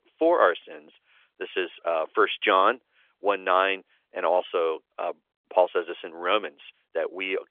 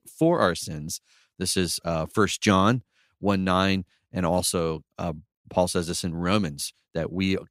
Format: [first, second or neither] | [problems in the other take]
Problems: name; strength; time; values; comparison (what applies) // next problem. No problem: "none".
second | phone-call audio; nothing above 3.5 kHz